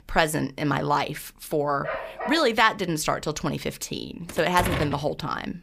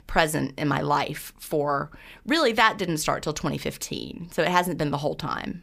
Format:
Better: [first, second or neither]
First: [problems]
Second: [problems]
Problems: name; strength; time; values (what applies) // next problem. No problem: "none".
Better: second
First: dog barking; noticeable; at 2 s; peak 6 dB below the speech // door banging; noticeable; at 4.5 s; peak 3 dB below the speech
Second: none